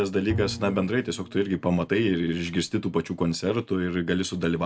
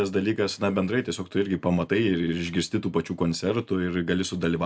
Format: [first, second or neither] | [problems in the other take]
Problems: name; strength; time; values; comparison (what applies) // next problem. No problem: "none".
second | background sound (Bowed string instrument); 12 dB below the speech